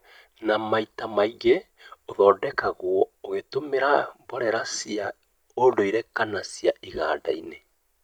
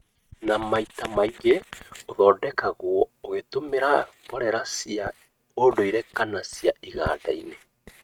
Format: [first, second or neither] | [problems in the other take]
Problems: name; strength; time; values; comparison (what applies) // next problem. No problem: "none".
first | noise reduction (neural mask model RNNoise)